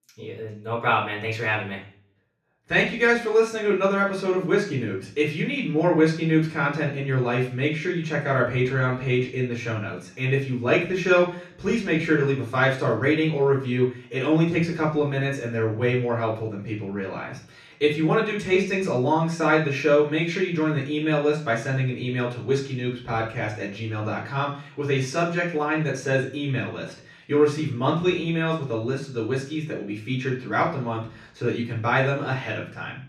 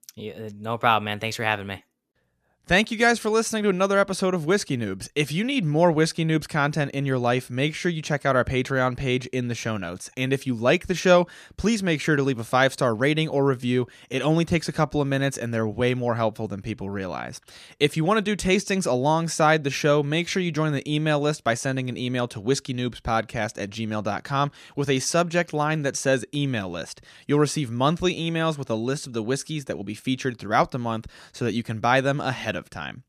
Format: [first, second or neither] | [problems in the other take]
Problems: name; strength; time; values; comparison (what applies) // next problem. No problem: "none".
second | room echo; noticeable; dies away in 0.5 s // off-mic speech; far